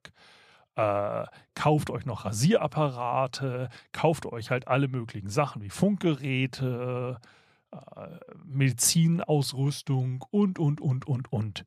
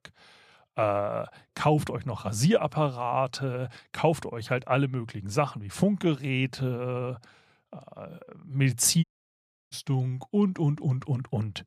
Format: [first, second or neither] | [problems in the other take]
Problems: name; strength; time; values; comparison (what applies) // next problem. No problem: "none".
first | audio cutting out; at 9 s for 0.5 s